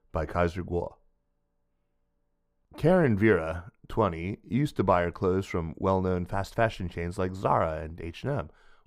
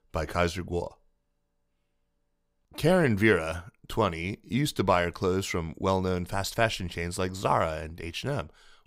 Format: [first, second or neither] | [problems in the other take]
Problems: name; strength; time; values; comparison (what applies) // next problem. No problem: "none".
second | muffled; slightly; fading above 2 kHz